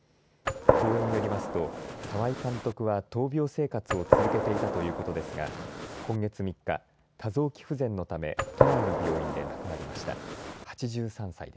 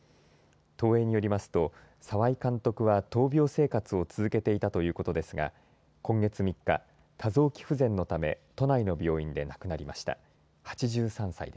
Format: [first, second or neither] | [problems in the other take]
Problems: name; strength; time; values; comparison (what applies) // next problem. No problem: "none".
second | background sound (Gunshot, gunfire); 3 dB above the speech